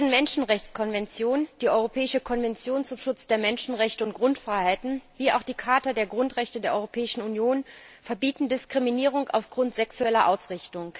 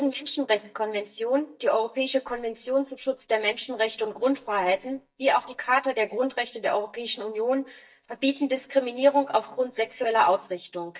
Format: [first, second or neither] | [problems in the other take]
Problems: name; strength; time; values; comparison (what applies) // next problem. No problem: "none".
first | noise reduction (neural mask model DeepFilterNet 3)